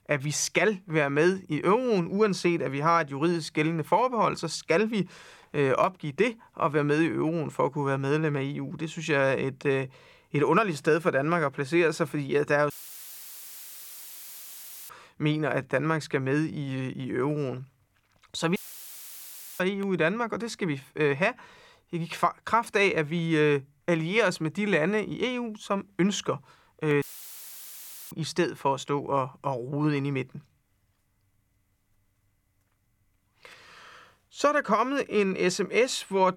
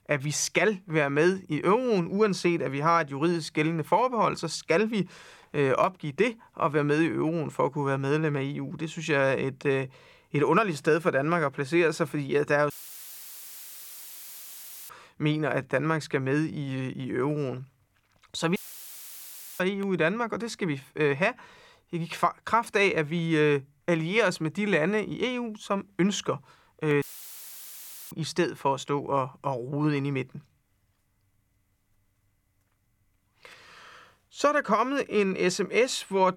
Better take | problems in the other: neither | audio cutting out; filled with static; at 13 s for 2 s, at 19 s for 1 s and at 27 s for 1 s; the same in both

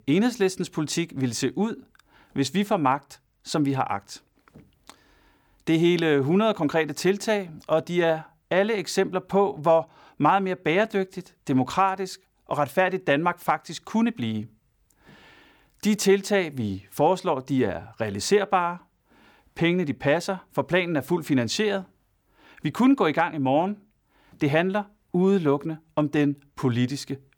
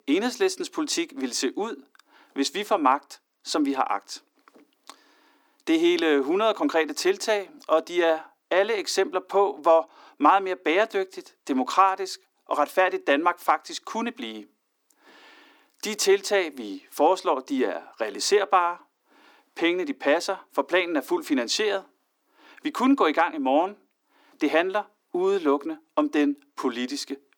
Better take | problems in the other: first | thin; very slightly; fading below 300 Hz

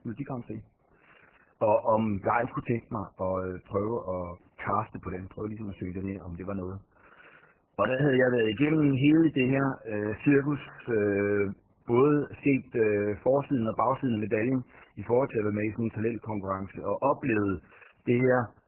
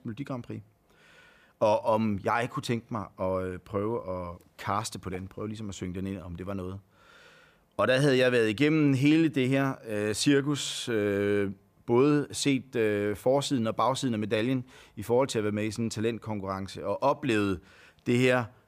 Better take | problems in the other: second | garbled, watery; badly; nothing above 3 kHz

